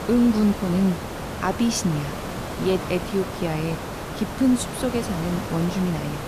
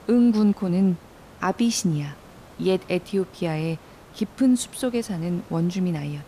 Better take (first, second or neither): second